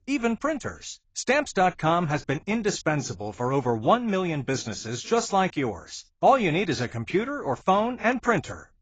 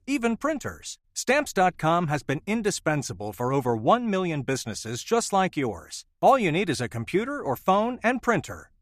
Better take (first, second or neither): second